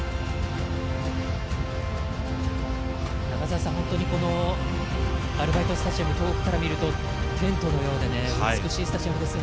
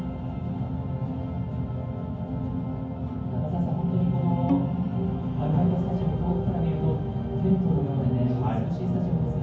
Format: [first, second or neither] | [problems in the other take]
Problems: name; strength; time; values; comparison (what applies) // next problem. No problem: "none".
first | background sound (Bowed string instrument); 10 dB below the speech // room echo; dies away in 0.9 s